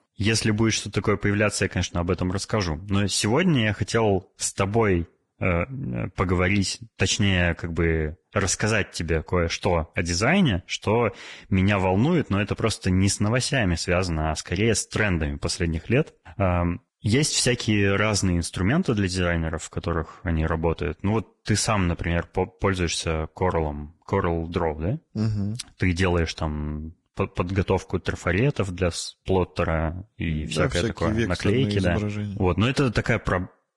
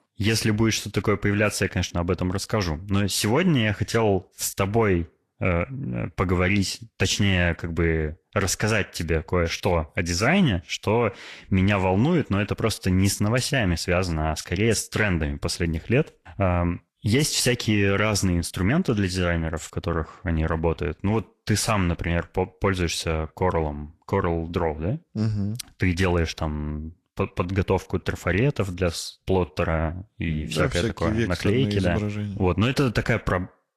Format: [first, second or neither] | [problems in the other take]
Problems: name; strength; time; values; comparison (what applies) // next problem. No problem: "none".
second | garbled, watery; badly; nothing above 10.5 kHz; slightly in the second